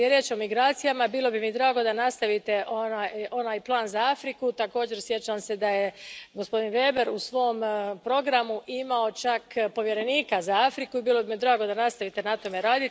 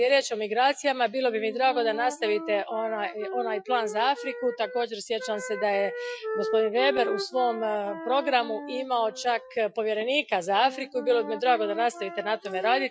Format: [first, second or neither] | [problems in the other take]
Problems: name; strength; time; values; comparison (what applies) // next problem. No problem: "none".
first | noise reduction (classical method Wiener filter)